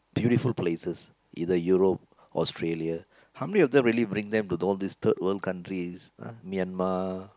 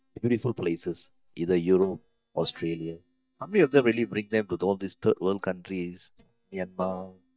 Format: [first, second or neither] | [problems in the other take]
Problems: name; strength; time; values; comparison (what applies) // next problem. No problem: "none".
first | noise reduction (neural mask model DeepFilterNet 3)